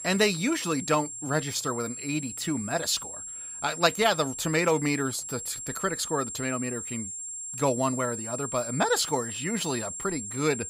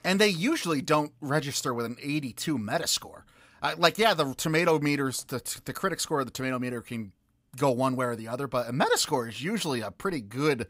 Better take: second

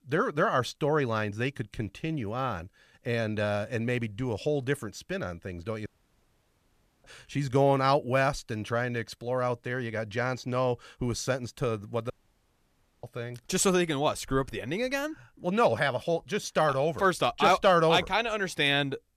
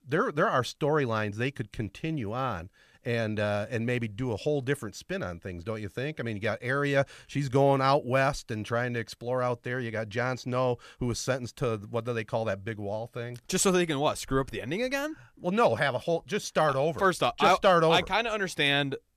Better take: second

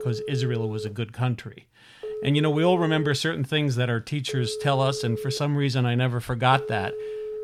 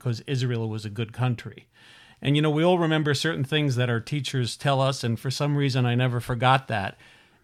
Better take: second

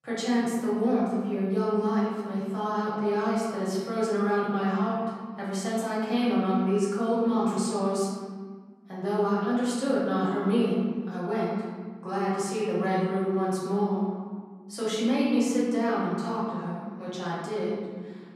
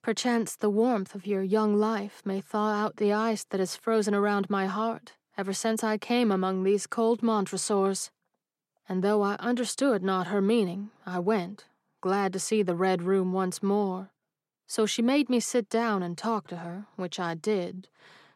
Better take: second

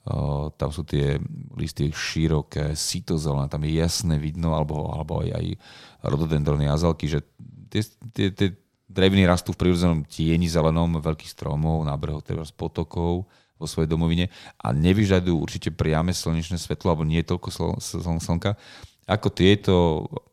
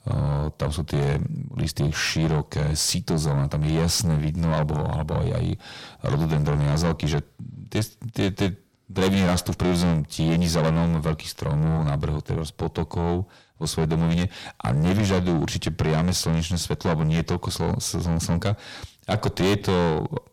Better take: first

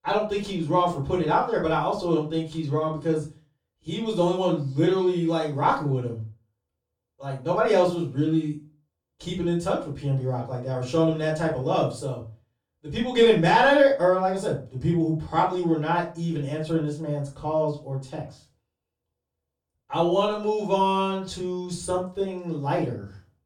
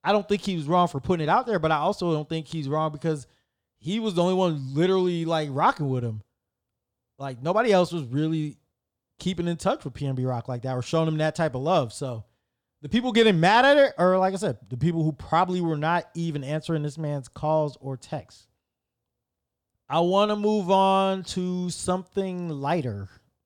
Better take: second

